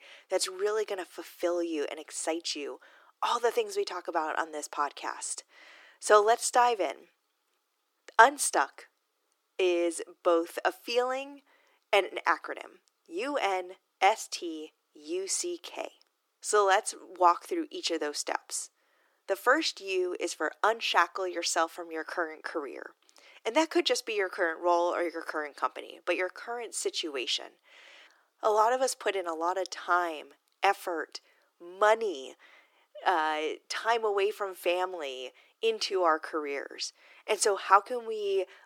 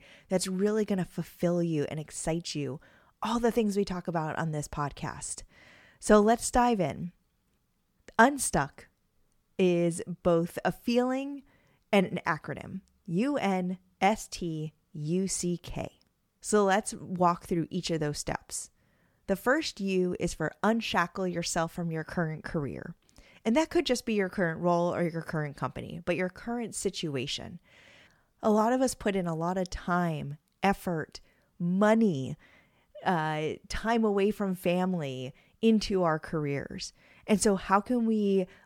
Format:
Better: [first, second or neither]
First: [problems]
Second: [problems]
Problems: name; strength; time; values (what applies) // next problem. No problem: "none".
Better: second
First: thin; very; fading below 300 Hz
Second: none